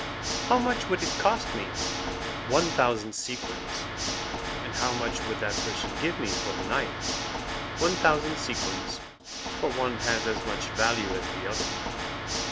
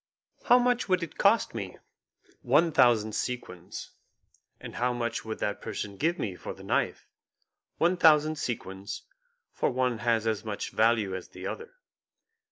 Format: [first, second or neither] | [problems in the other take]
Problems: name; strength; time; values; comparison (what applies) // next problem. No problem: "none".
second | background sound (Water / Mechanisms); 1 dB below the speech